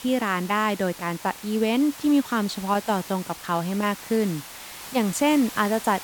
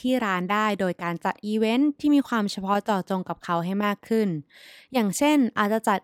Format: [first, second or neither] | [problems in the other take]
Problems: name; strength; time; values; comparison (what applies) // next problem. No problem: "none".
second | hiss; noticeable; throughout; 15 dB below the speech